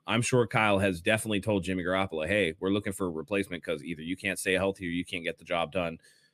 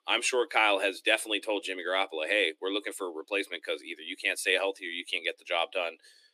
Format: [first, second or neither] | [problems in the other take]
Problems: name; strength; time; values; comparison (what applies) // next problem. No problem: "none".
first | thin; very; fading below 300 Hz